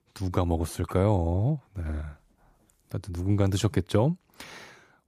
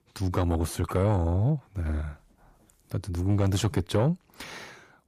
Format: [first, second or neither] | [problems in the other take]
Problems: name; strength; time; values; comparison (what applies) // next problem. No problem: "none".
first | distortion; slight; 10 dB below the speech